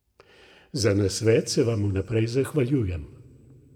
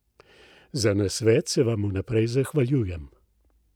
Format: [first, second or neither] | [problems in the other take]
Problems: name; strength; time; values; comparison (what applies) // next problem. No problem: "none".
second | room echo; dies away in 1.5 s